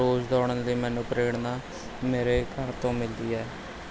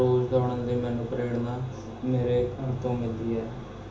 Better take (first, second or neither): first